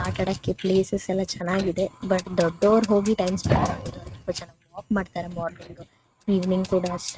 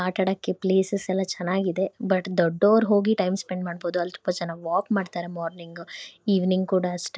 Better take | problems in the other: second | noise reduction (neural mask model RNNoise)

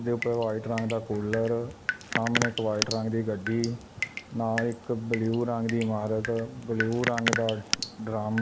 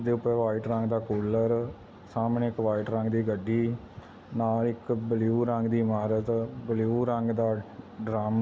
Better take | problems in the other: second | background sound (Drip); 6 dB below the speech

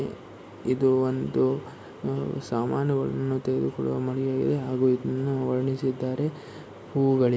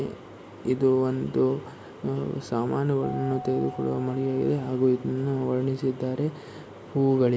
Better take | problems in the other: first | background sound (Keyboard (musical)); 20 dB below the speech

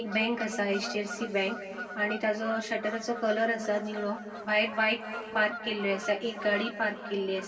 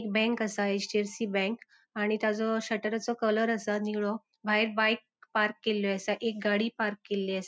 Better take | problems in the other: second | background sound (Bird vocalization, bird call, bird song / Fowl); 13 dB below the speech // room echo; dies away in 3 s

